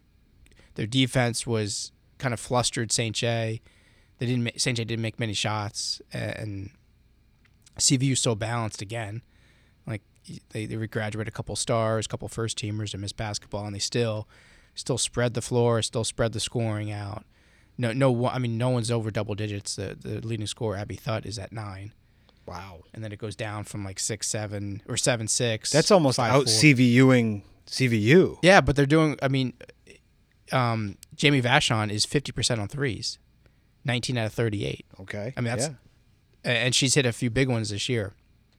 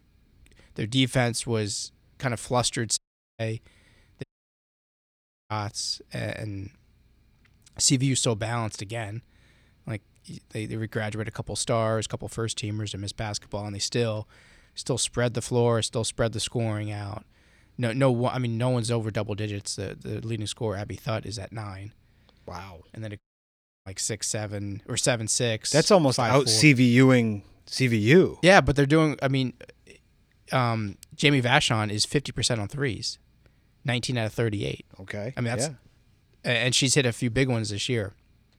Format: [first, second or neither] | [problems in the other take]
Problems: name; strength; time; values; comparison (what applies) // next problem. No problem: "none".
first | audio cutting out; at 3 s, at 4 s for 1.5 s and at 23 s for 0.5 s